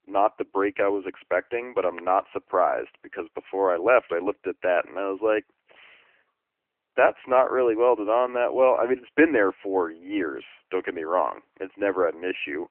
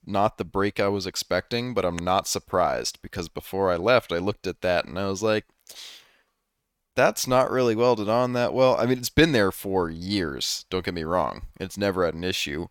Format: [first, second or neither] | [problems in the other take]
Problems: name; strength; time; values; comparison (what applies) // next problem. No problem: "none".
second | phone-call audio; nothing above 3 kHz